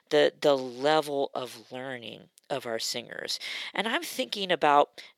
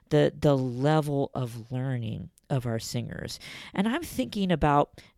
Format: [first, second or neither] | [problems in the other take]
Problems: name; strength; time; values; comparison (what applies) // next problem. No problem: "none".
second | thin; somewhat; fading below 500 Hz